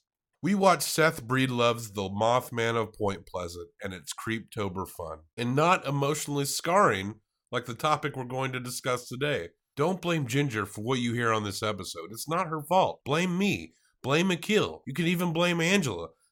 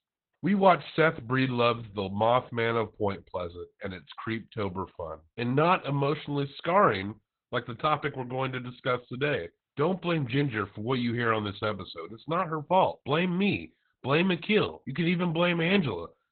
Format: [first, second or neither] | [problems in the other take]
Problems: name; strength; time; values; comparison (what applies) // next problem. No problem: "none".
first | garbled, watery; badly; nothing above 4 kHz